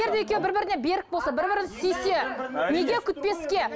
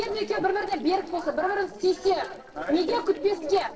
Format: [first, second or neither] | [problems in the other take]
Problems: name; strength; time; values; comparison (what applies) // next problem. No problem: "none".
first | noise reduction (neural separator model SepFormer DNS4)